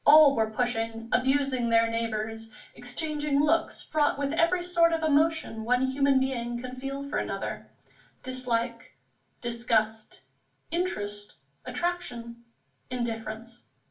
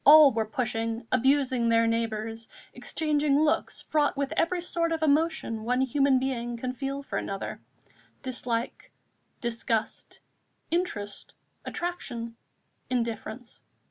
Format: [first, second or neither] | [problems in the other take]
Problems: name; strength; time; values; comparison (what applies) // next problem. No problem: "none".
second | room echo; dies away in 0.3 s